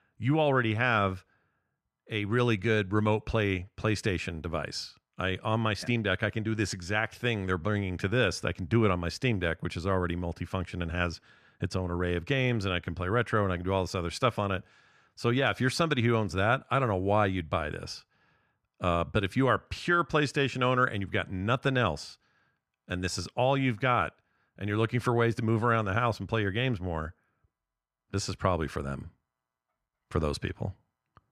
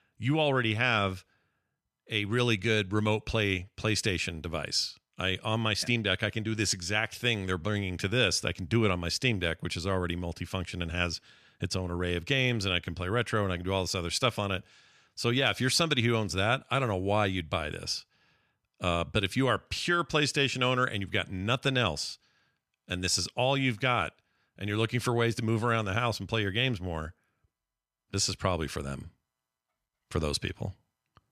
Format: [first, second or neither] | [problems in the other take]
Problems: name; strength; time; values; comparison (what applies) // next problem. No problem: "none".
second | muffled; slightly; fading above 2 kHz